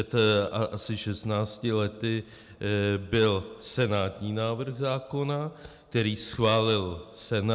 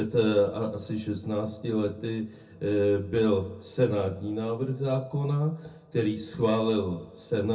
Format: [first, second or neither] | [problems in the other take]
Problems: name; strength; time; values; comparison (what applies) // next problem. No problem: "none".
first | room echo; dies away in 0.3 s